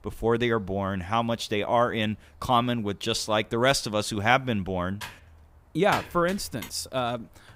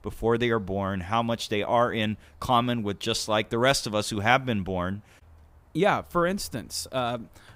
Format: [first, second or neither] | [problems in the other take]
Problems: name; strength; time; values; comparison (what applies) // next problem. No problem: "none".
second | keyboard typing; noticeable; from 5 to 6.5 s; peak 7 dB below the speech